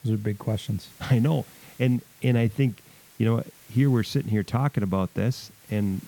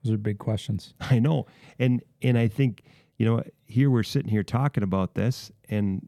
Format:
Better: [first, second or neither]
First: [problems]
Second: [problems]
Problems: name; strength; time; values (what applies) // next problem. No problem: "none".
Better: second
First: hiss; faint; throughout; 25 dB below the speech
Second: none